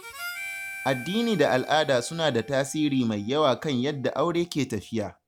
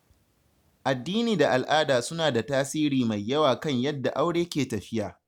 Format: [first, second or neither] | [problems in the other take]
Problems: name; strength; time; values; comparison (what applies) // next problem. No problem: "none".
second | background sound (Harmonica); 16 dB below the speech